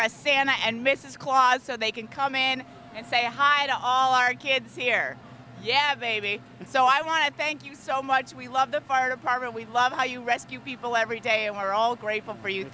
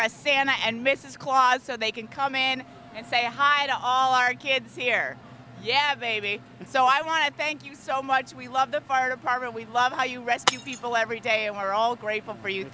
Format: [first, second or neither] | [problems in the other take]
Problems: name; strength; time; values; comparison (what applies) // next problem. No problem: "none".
first | background sound (Shatter); 10 dB below the speech